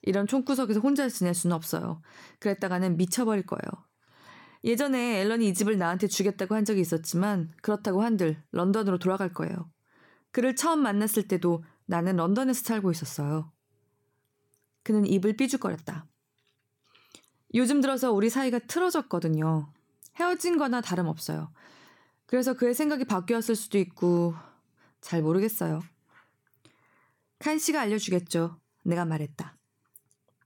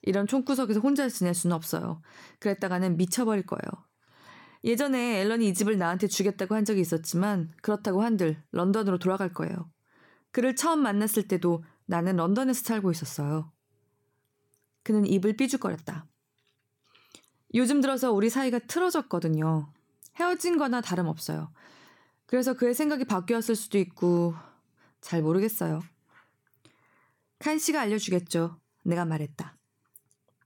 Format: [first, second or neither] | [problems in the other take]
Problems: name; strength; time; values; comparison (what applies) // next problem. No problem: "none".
neither | none